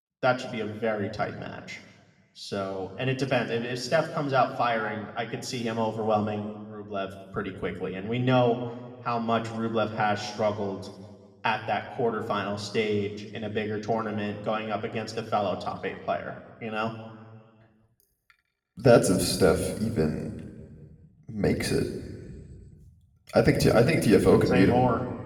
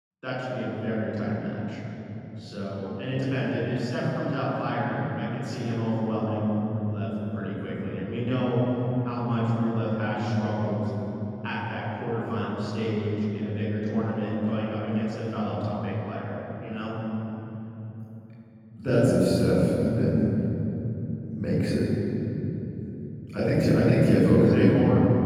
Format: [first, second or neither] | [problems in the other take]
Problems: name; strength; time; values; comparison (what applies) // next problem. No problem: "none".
first | room echo; strong; dies away in 3 s; slight in the first // off-mic speech; far; somewhat distant in the first